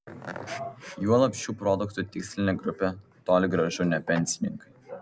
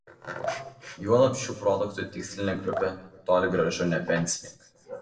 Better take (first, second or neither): first